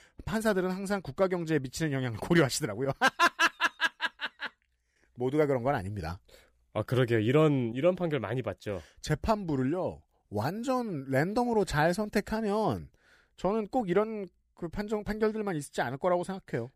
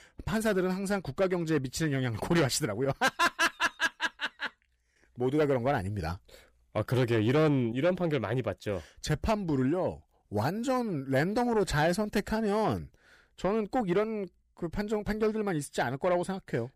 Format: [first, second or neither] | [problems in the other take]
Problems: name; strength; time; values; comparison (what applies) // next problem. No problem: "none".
first | distortion; slight; 10 dB below the speech